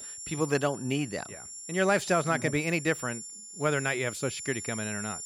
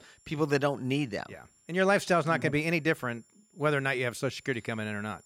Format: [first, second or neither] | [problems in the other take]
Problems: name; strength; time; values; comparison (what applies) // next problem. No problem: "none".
second | high-pitched whine; loud; throughout; 7 kHz, 9 dB below the speech; faint in the second